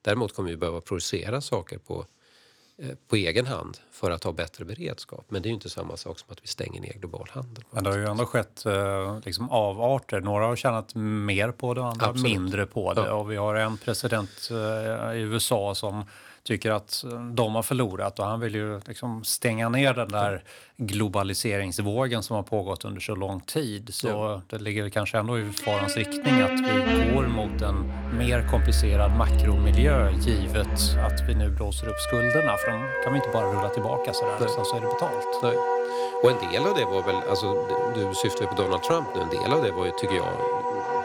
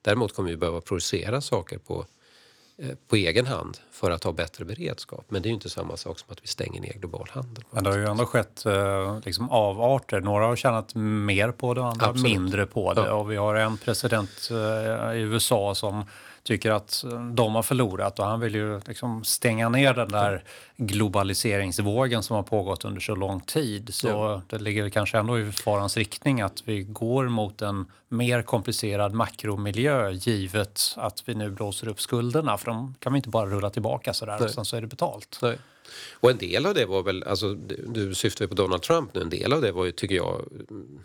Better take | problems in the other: second | background music; very loud; from 26 s on; 2 dB above the speech

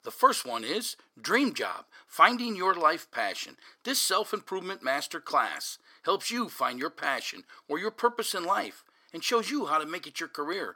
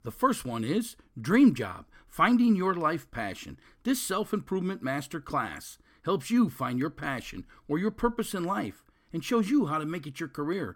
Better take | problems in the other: second | thin; somewhat; fading below 600 Hz

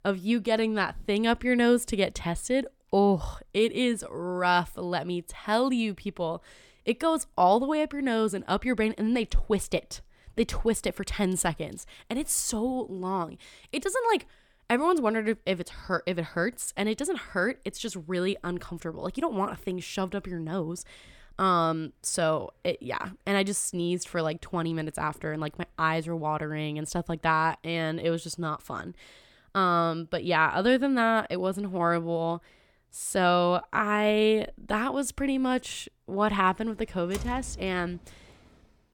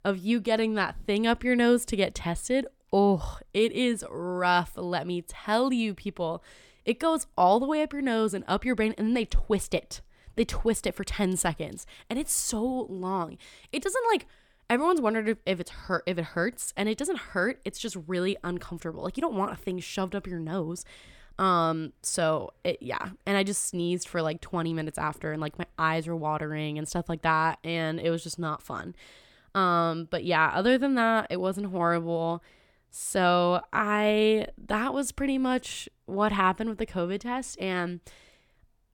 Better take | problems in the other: second | door banging; faint; at 37 s; peak 10 dB below the speech

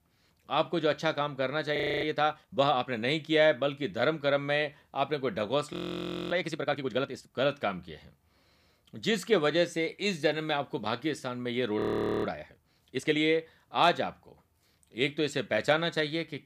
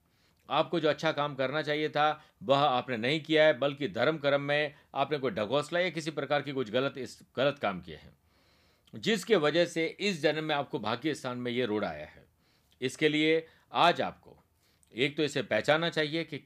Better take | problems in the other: second | audio freezing; at 2 s, at 5.5 s for 0.5 s and at 12 s

